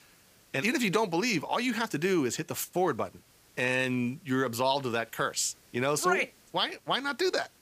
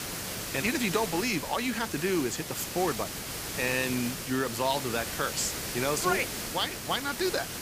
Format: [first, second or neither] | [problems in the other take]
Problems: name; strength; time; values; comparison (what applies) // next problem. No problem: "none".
first | hiss; loud; throughout; 4 dB below the speech; faint in the first